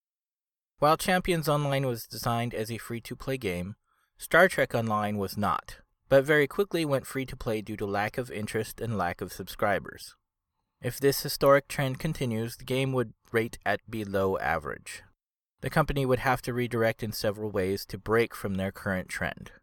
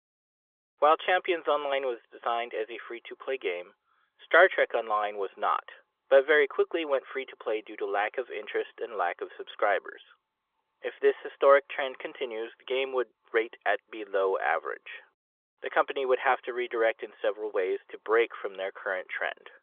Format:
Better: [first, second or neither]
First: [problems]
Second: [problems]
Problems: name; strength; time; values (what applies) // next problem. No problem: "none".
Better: first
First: none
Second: phone-call audio; nothing above 3.5 kHz